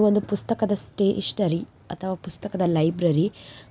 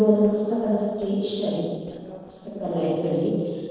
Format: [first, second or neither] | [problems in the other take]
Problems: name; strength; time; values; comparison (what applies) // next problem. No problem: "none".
first | noise reduction (neural separator model SepFormer DNS4)